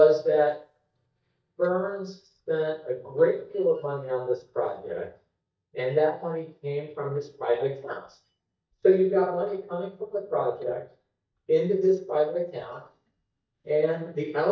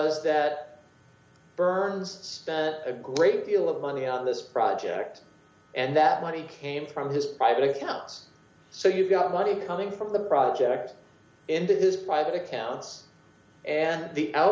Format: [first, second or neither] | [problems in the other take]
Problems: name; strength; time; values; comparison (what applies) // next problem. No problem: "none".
second | noise reduction (neural mask model DeepFilterNet 3)